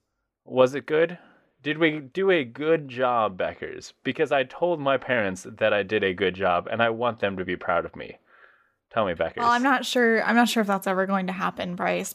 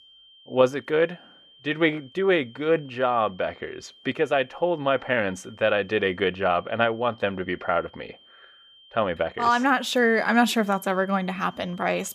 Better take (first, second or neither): first